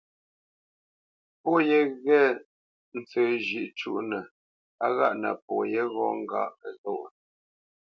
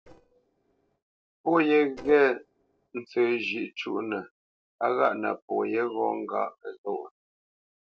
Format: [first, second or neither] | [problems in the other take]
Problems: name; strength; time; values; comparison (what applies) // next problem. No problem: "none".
first | noise reduction (neural separator model SepFormer DNS4)